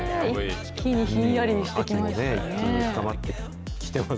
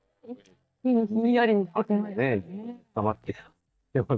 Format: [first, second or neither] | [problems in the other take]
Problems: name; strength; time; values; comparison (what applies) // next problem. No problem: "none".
first | noise reduction (neural mask model DeepFilterNet 3)